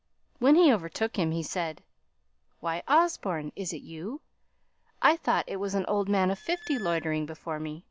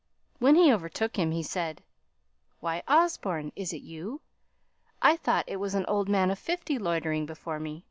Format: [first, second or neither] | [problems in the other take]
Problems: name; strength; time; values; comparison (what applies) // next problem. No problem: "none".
second | background sound (Squeak); 17 dB below the speech